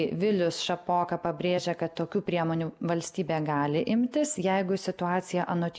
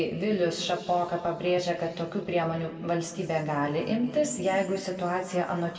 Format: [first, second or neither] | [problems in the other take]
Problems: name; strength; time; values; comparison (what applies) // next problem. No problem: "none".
first | room echo; dies away in 1.9 s